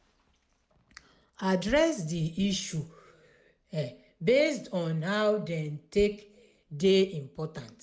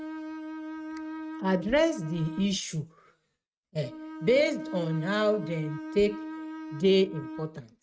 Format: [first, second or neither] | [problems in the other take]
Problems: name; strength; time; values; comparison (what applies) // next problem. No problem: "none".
first | noise reduction (neural mask model RNNoise)